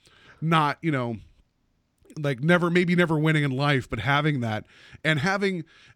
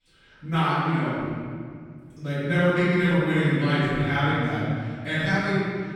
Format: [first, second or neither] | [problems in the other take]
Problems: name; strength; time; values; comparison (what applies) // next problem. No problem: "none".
first | room echo; strong; dies away in 1.9 s // off-mic speech; far